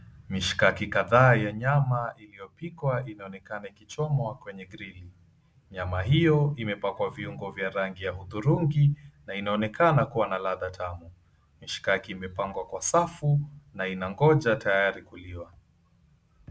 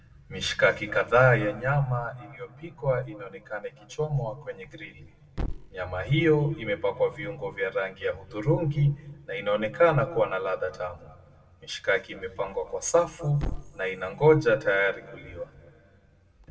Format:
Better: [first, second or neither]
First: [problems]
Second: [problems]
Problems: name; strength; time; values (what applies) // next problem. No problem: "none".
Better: first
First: none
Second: background sound (Thump, thud); 17 dB below the speech // room echo; dies away in 1.6 s